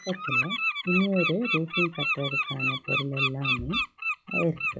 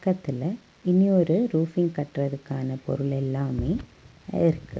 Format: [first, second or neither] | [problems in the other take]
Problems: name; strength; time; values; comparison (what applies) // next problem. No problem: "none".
second | noise reduction (classical method log-MMSE)